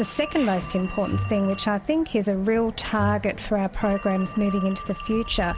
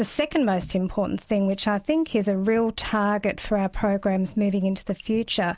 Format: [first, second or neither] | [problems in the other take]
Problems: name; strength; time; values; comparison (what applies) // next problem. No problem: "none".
second | background sound (Telephone + Bowed string instrument); 10 dB below the speech